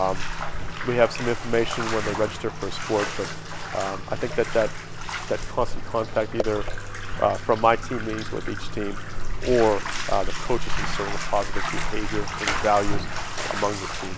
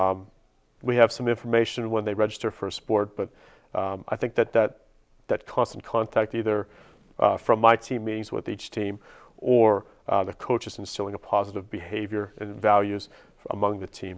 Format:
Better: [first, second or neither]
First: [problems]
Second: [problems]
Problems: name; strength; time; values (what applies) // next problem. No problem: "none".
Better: second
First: background sound (Bathtub (filling or washing)); as loud as the speech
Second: none